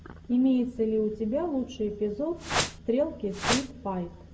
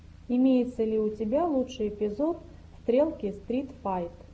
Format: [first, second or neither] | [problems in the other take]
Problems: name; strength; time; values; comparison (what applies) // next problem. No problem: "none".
second | background sound (Whoosh, swoosh, swish); 1 dB below the speech // room echo; dies away in 1.4 s